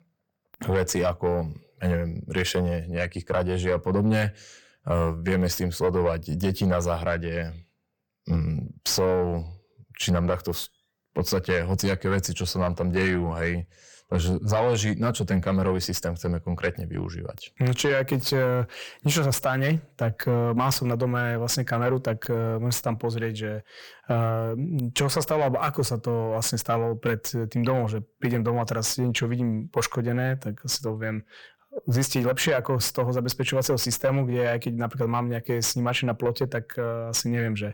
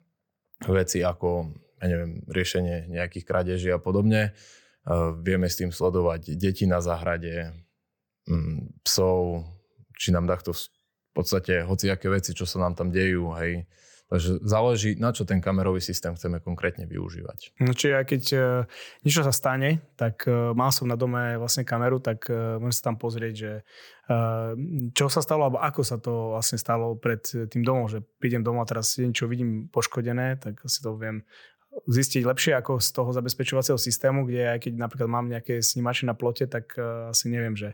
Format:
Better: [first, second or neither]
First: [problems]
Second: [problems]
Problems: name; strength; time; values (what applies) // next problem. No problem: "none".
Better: second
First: distortion; slight; 10 dB below the speech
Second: none